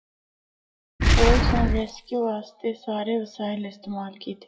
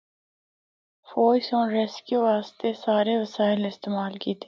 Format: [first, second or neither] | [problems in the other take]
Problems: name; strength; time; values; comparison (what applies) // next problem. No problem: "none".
second | noise reduction (classical method WPE with log-MMSE)